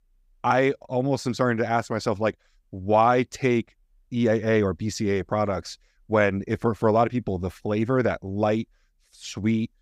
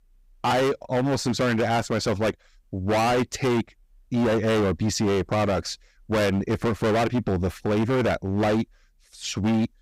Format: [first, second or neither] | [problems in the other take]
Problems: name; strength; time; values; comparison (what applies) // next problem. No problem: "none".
first | distortion; heavy; 23% of the sound clipped